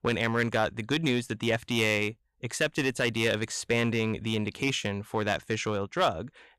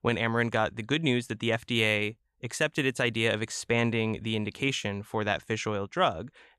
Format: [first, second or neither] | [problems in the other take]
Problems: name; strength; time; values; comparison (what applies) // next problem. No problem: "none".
second | distortion; slight; 4% of the sound clipped